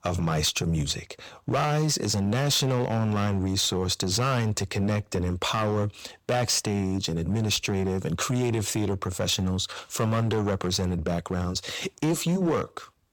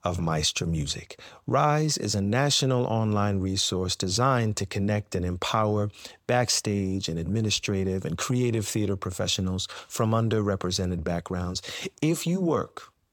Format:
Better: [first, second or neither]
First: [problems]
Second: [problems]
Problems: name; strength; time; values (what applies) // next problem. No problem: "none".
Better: second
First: distortion; slight; 10% of the sound clipped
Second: none